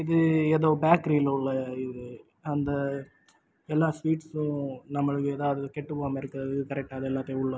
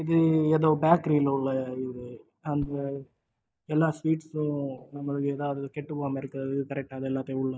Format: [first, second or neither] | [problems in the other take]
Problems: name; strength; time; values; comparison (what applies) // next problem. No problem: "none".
first | noise reduction (neural mask model DeepFilterNet 3)